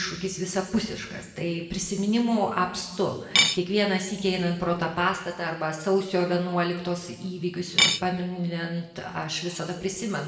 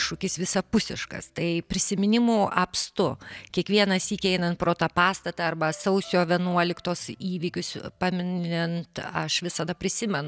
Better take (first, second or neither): second